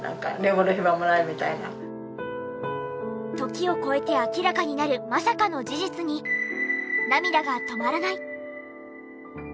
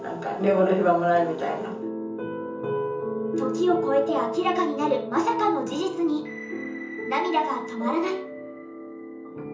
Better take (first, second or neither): first